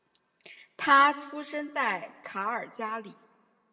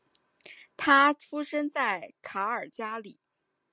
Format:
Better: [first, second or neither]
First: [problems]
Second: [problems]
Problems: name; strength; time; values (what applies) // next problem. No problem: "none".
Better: second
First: room echo; dies away in 1.1 s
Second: none